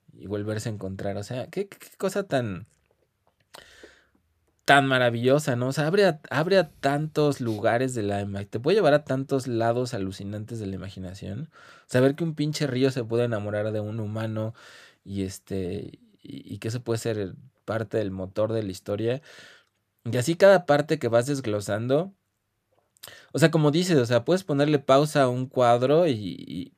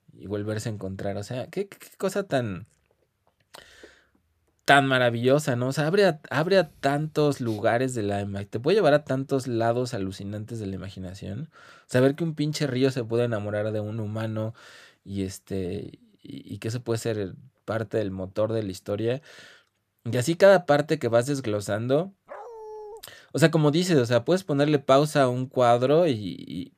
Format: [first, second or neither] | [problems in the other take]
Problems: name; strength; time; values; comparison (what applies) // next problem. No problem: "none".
first | dog barking; faint; at 22 s; peak 15 dB below the speech